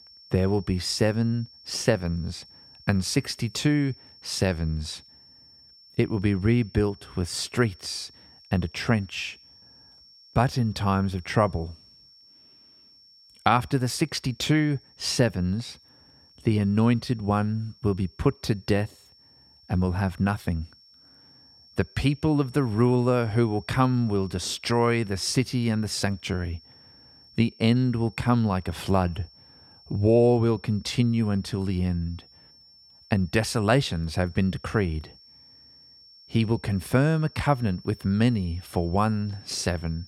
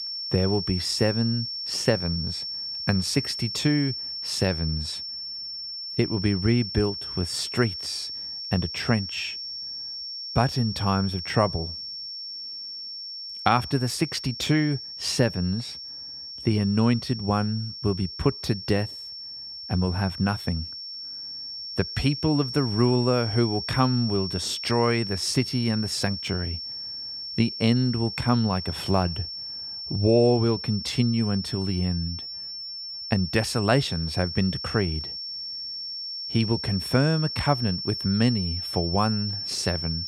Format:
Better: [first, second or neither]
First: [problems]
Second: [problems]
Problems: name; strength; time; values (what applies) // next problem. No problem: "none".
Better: first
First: high-pitched whine; faint; throughout; 5.5 kHz, 25 dB below the speech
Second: high-pitched whine; loud; throughout; 5.5 kHz, 6 dB below the speech